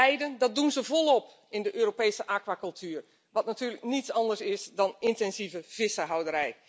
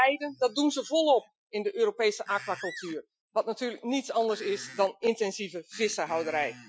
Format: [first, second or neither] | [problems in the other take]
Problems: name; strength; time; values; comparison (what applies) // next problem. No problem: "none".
first | noise reduction (classical method Wiener filter)